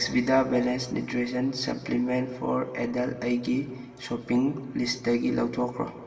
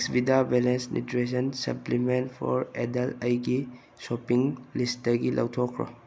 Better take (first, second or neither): second